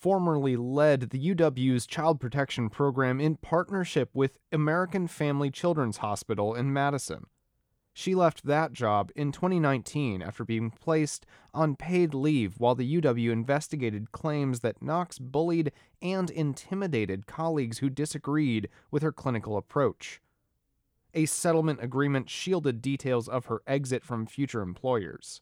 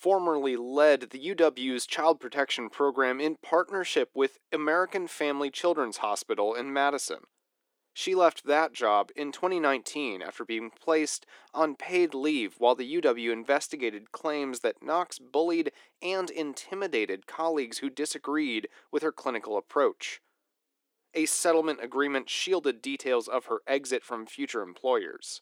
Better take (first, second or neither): first